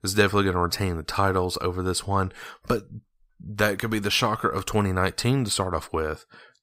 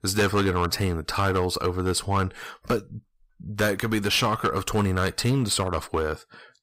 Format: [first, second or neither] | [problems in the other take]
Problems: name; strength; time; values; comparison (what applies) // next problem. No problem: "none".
first | distortion; slight; 5% of the sound clipped